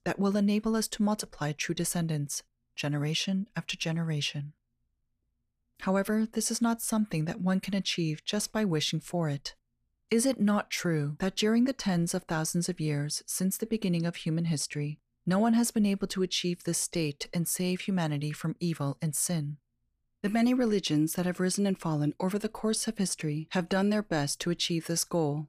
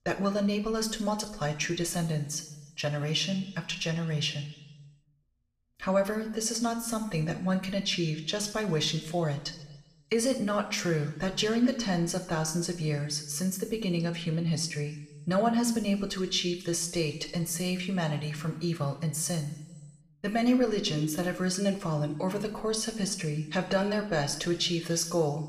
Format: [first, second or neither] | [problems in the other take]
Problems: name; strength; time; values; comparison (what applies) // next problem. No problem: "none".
first | room echo; slight; dies away in 0.9 s